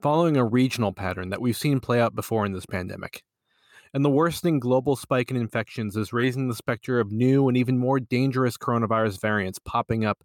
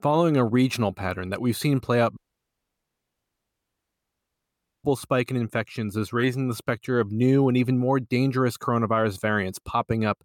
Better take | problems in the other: first | audio cutting out; at 2 s for 2.5 s

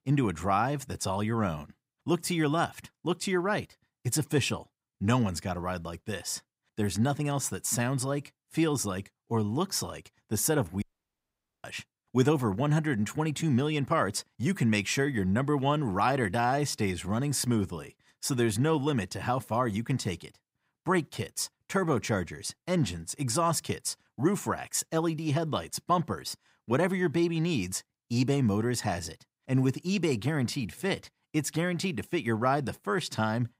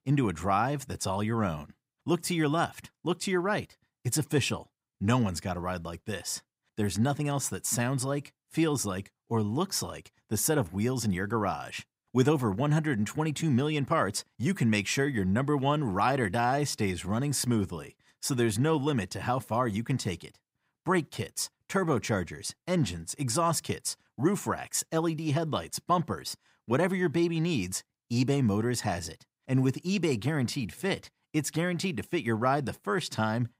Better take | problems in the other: second | audio cutting out; at 11 s for 1 s

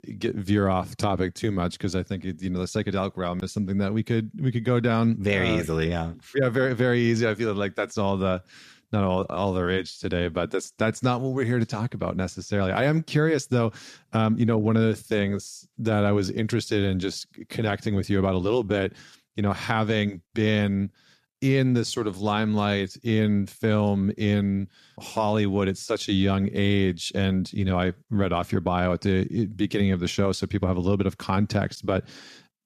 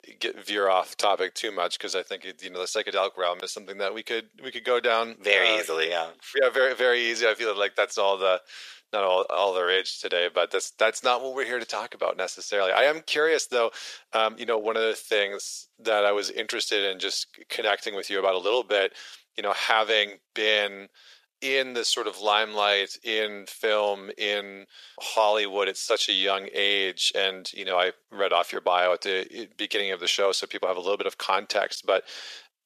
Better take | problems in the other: first | thin; very; fading below 500 Hz

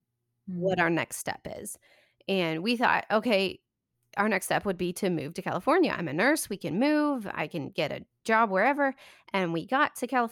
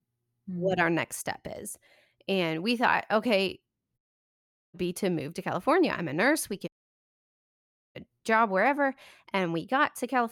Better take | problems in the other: first | audio cutting out; at 4 s for 1 s and at 6.5 s for 1.5 s

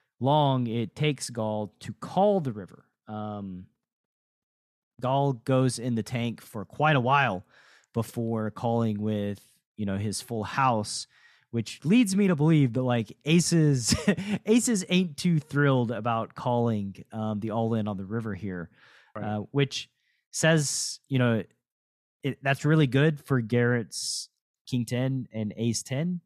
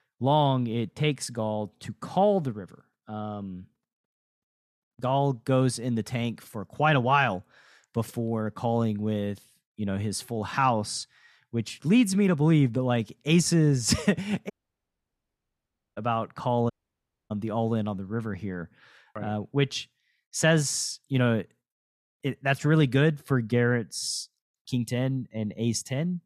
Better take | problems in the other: first | audio cutting out; at 15 s for 1.5 s and at 17 s for 0.5 s

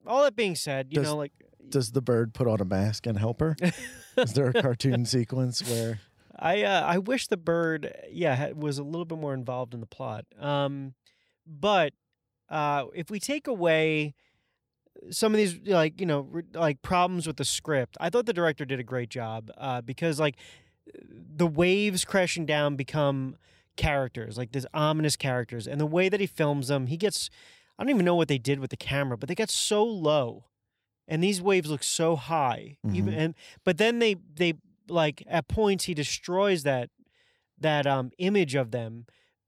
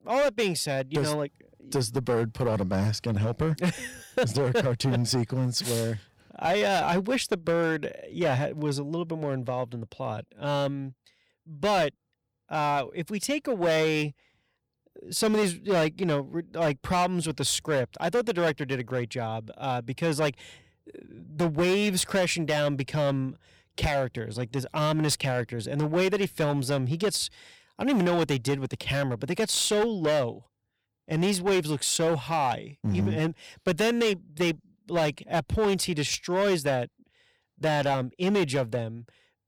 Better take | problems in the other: first | distortion; slight; 9% of the sound clipped

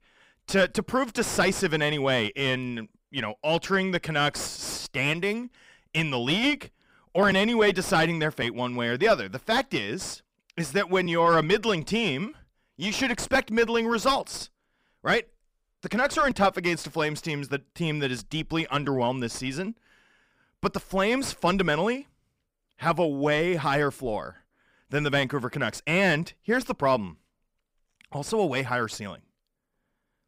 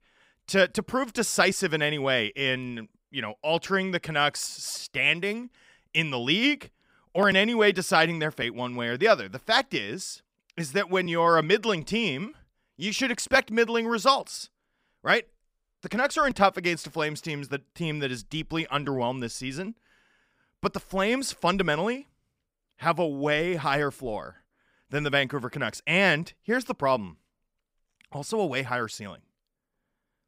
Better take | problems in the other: second | distortion; slight; 9 dB below the speech

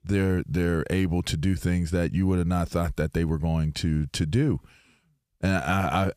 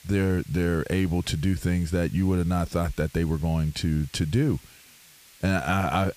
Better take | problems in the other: first | hiss; faint; throughout; 25 dB below the speech

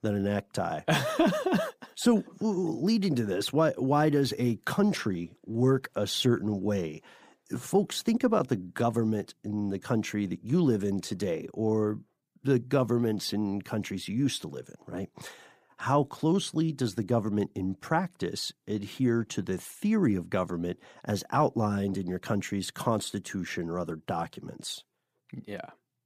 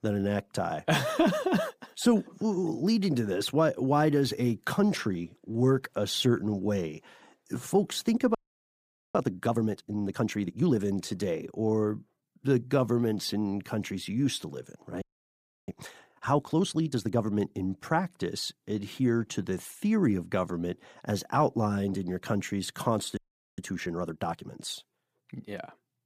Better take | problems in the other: first | audio freezing; at 8.5 s for 1 s, at 15 s for 0.5 s and at 23 s

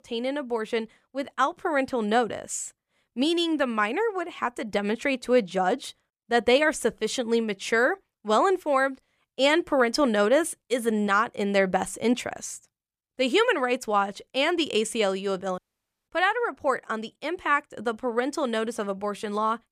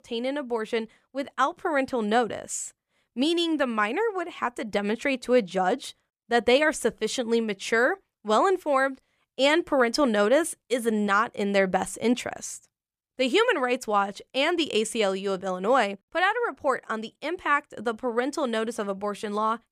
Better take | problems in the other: second | audio cutting out; at 16 s

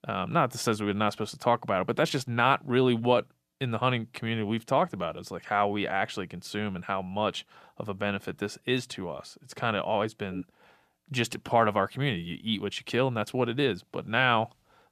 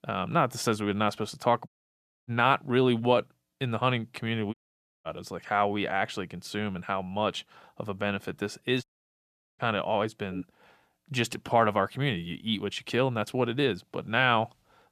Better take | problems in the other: first | audio cutting out; at 1.5 s for 0.5 s, at 4.5 s for 0.5 s and at 9 s for 0.5 s

